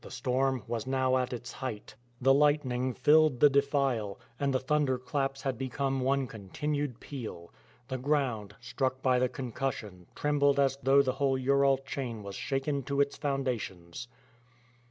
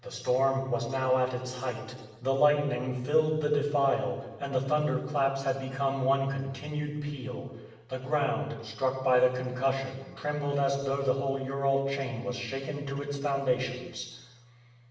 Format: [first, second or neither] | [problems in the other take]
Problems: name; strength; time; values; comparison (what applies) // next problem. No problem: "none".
first | room echo; dies away in 1.1 s